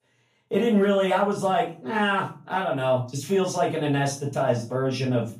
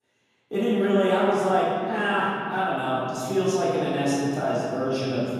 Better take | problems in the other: first | room echo; strong; dies away in 2.6 s; slight in the first // off-mic speech; far; far in the first

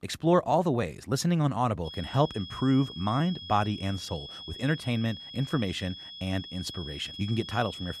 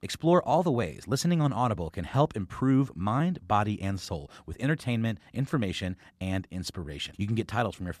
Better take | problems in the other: second | high-pitched whine; noticeable; from 2 s on; 3.5 kHz, 10 dB below the speech

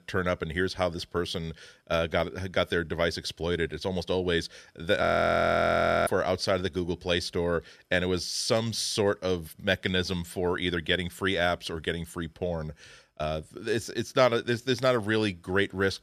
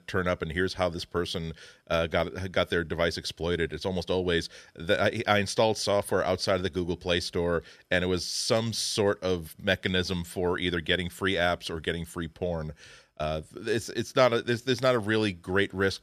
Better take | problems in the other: second | audio freezing; at 5 s for 1 s

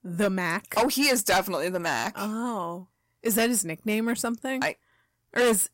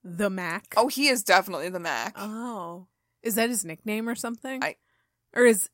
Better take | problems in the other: second | distortion; heavy; 6 dB below the speech

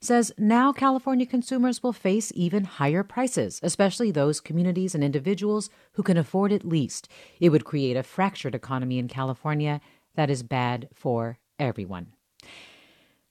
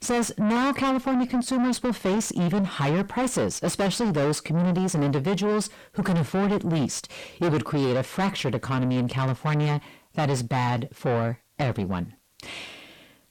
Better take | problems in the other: first | distortion; heavy; 5 dB below the speech

